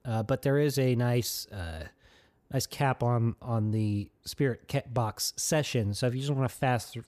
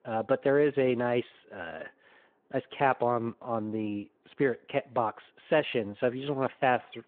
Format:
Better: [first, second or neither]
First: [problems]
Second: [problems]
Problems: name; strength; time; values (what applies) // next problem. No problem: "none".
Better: first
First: none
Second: phone-call audio